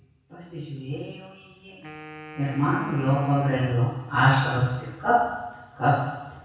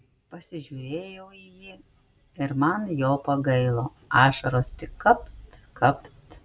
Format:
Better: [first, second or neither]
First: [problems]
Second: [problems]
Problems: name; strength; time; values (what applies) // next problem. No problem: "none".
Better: second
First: background sound (Wind instrument, woodwind instrument); 18 dB below the speech // room echo; dies away in 1 s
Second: none